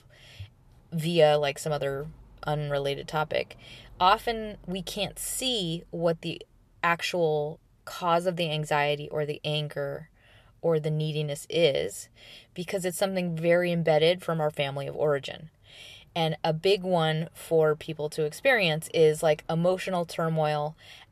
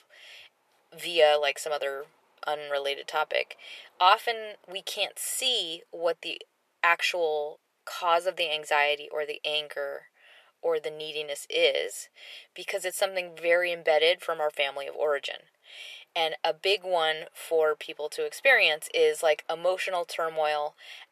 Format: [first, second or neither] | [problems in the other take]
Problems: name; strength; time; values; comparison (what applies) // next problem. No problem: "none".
first | thin; very; fading below 450 Hz